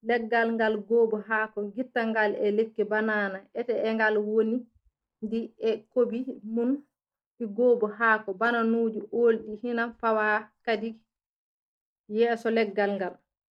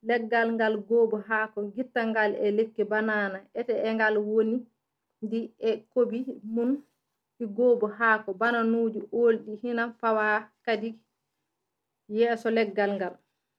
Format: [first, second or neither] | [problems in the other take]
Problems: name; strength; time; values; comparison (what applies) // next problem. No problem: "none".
second | noise reduction (neural mask model Resemble Enhance denoiser)